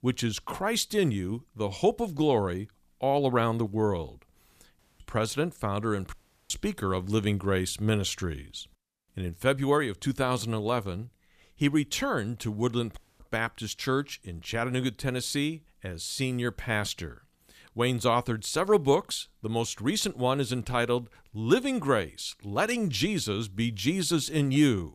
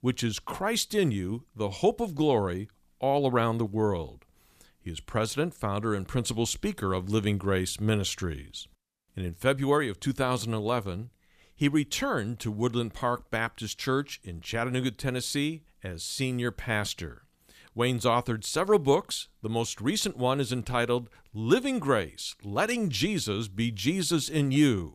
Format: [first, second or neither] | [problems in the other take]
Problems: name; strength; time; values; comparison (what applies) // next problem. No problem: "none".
second | audio cutting out; at 5 s, at 6 s and at 13 s